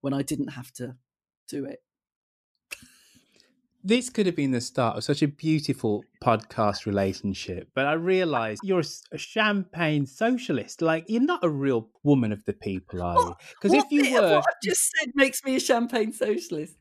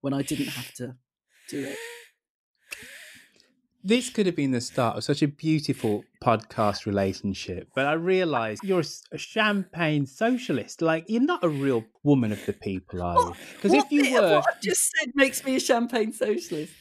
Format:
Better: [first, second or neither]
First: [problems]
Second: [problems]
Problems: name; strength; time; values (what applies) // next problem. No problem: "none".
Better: first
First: none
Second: hiss; noticeable; throughout; 20 dB below the speech